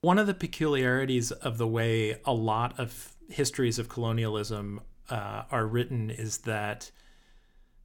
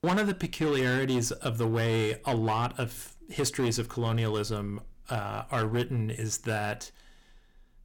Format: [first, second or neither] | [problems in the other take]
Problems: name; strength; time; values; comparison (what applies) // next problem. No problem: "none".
first | distortion; slight; 10% of the sound clipped